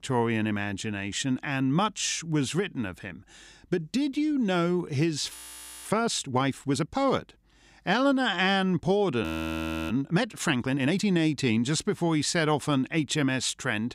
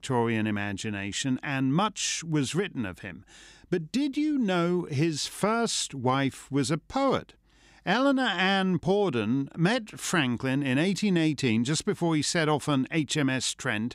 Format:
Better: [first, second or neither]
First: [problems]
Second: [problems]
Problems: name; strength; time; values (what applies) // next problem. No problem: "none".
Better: second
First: audio freezing; at 5.5 s for 0.5 s and at 9 s for 0.5 s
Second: none